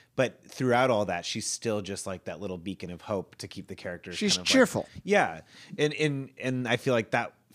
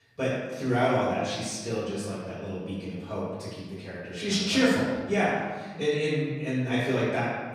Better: first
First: none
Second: off-mic speech; far // room echo; strong; dies away in 1.2 s

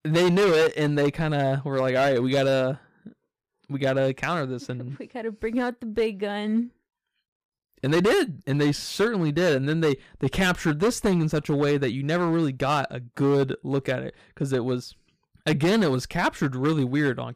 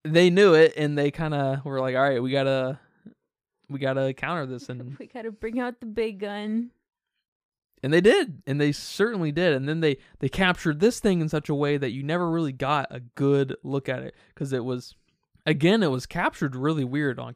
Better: second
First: distortion; heavy; 9% of the sound clipped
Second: none

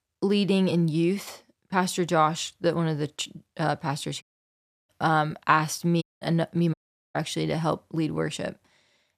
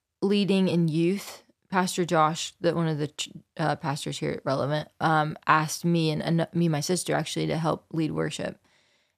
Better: second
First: audio cutting out; at 4 s for 0.5 s, at 6 s and at 6.5 s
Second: none

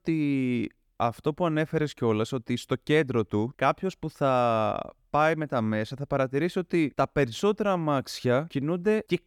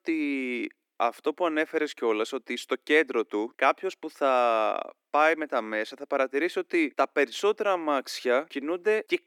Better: first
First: none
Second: thin; somewhat; fading below 300 Hz

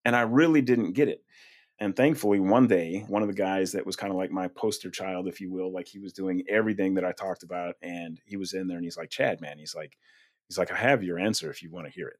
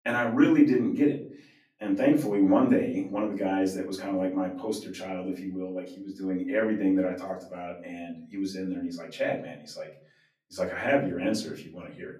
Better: first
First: none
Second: off-mic speech; far // room echo; slight; dies away in 0.5 s

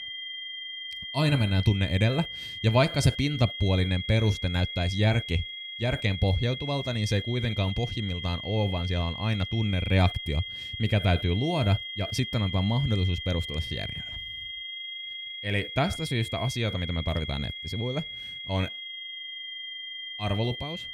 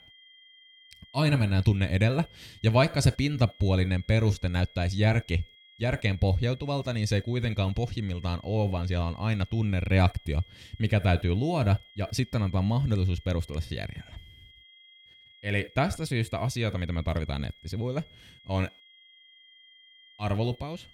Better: second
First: high-pitched whine; loud; throughout; 3.5 kHz, 7 dB below the speech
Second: high-pitched whine; faint; throughout; 3.5 kHz, 25 dB below the speech

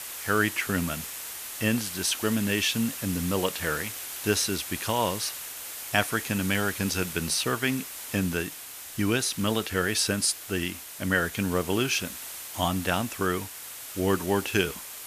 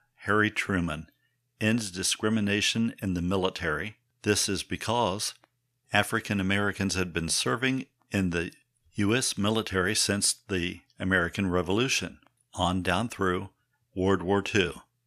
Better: second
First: hiss; loud; throughout; 8 dB below the speech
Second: none

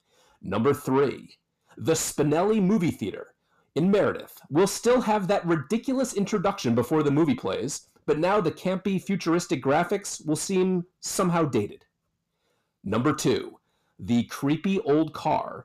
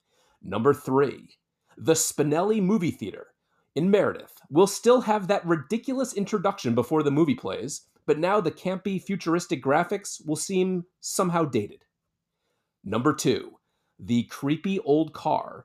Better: second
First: distortion; slight; 10 dB below the speech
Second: none

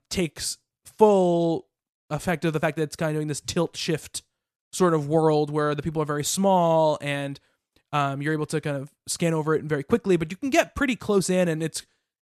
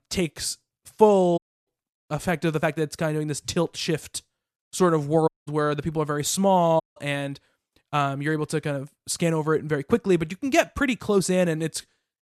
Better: first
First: none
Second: audio cutting out; at 1.5 s, at 5.5 s and at 7 s

